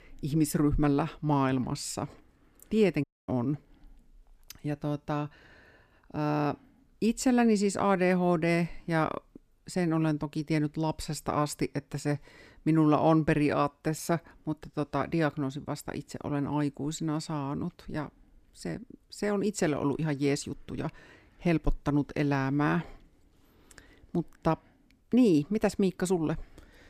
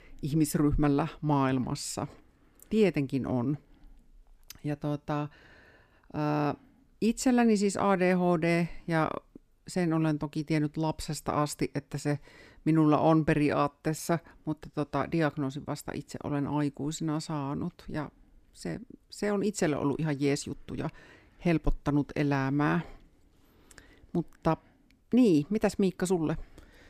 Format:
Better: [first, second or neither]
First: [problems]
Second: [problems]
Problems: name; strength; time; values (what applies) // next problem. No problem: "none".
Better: second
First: audio cutting out; at 3 s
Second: none